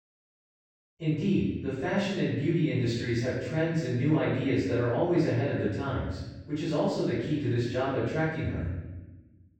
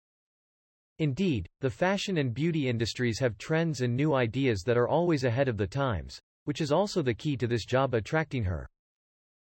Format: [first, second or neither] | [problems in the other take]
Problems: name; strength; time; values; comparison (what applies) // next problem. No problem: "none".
second | off-mic speech; far // room echo; strong; dies away in 1.1 s